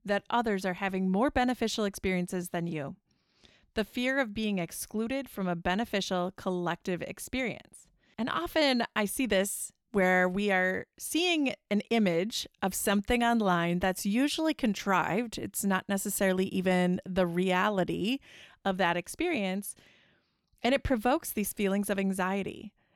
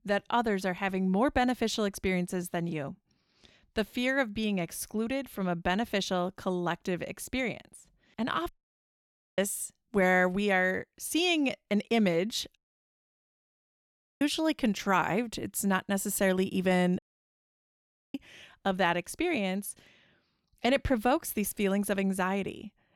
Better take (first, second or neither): first